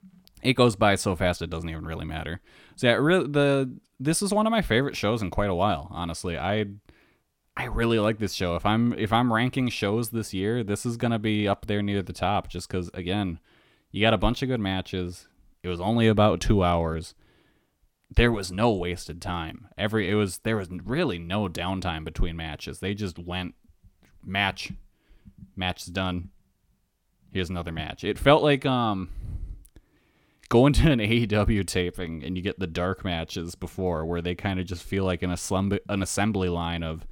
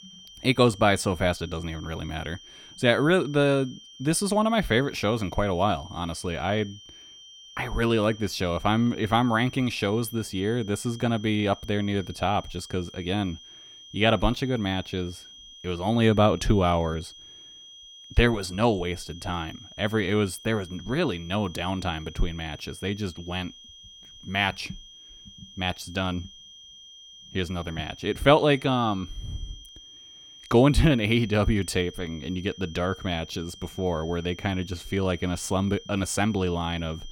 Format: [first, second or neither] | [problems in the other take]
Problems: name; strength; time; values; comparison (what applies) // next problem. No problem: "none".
first | high-pitched whine; noticeable; throughout; 3 kHz, 20 dB below the speech